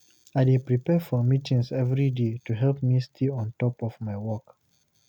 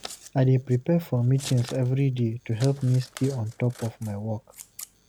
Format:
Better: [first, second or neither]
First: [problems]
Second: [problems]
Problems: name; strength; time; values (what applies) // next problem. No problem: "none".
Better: first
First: none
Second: background sound (Scissors); 20 dB below the speech